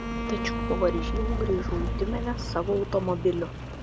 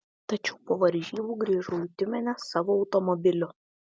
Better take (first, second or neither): second